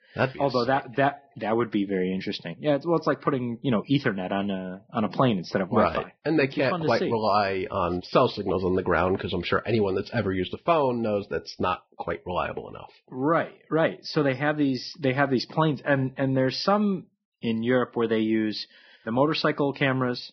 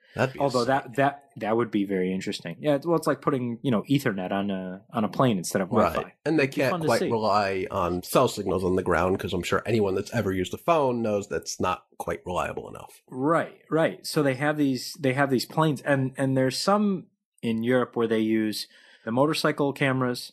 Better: second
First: garbled, watery; badly; nothing above 5.5 kHz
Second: garbled, watery; slightly; nothing above 13 kHz

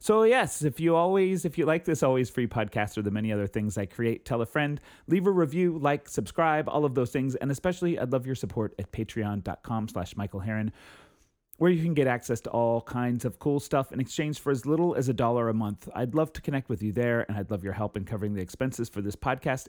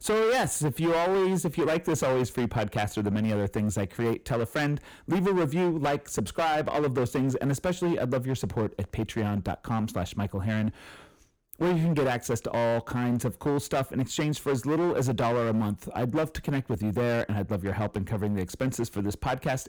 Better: first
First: none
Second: distortion; heavy; 16% of the sound clipped

